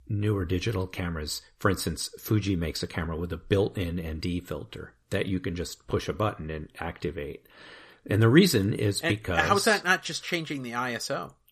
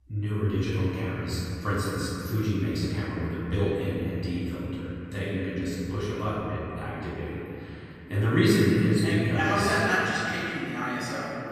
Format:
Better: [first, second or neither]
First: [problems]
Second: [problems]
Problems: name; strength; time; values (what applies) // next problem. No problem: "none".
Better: first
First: none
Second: off-mic speech; far // room echo; strong; dies away in 3 s